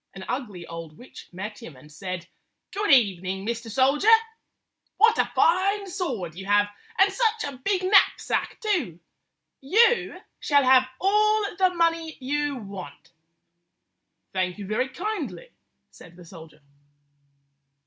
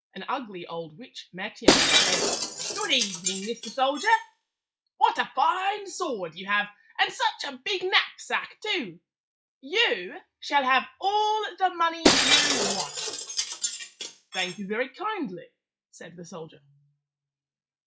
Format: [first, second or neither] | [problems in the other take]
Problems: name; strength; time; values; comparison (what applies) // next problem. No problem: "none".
first | noise reduction (classical method log-MMSE)